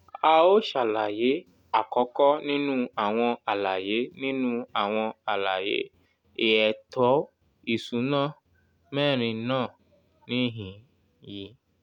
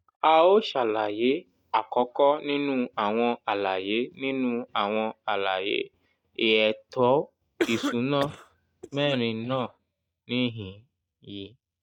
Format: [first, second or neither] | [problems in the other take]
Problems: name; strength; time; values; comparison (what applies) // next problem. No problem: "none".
first | noise reduction (neural mask model DeepFilterNet 3)